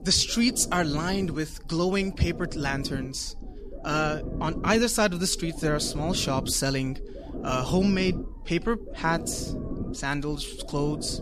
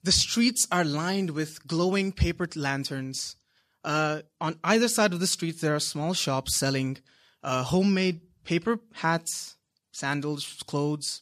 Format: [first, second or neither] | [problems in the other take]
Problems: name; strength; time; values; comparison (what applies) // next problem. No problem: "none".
second | low rumble; noticeable; throughout; 15 dB below the speech